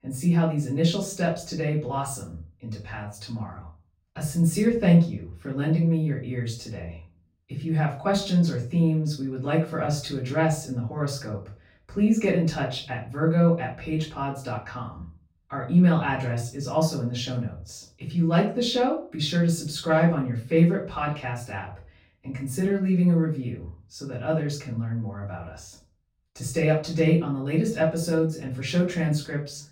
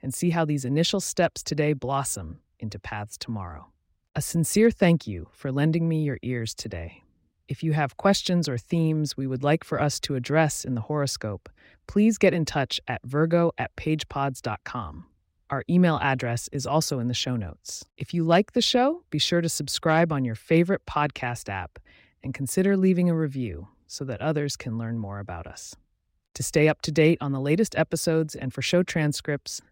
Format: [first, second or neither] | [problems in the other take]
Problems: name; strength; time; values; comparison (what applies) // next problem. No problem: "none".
second | off-mic speech; far // room echo; slight; dies away in 0.3 s